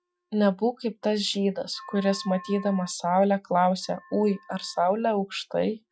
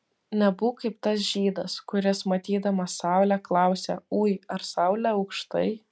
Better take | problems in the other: second | noise reduction (classical method Wiener filter)

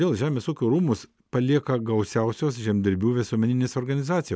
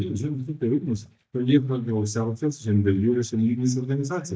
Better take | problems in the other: first | noise reduction (neural mask model DeepFilterNet 3)

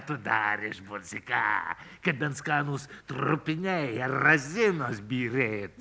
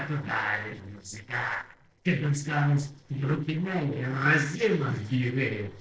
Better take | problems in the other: first | noise reduction (neural separator model SepFormer DNS4)

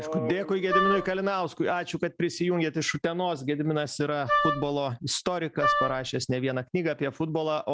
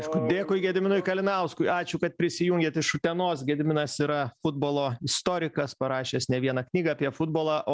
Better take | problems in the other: second | background sound (Wind instrument, woodwind instrument); 1 dB above the speech

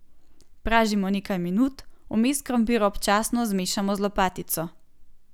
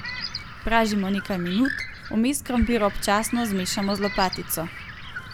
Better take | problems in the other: first | background sound (Bird); 10 dB below the speech

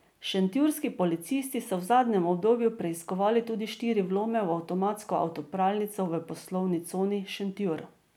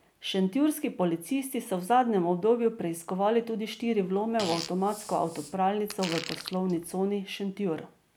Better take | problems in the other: first | background sound (Fart); 13 dB below the speech

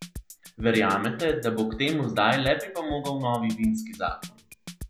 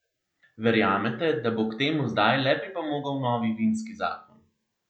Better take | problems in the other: second | background sound (Drum kit); 16 dB below the speech

